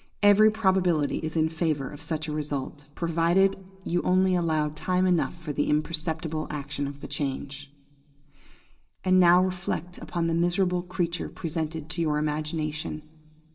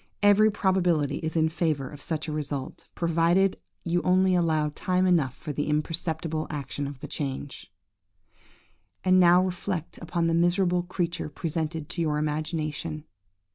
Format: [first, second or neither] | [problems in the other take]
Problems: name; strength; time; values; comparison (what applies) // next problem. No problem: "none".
second | room echo; dies away in 0.4 s